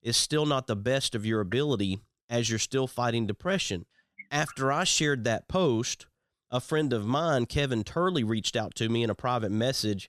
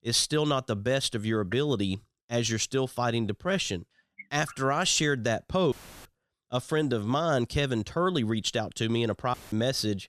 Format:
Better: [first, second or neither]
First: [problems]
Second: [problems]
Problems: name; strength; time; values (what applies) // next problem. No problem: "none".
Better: first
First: none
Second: audio cutting out; filled with static; at 5.5 s and at 9.5 s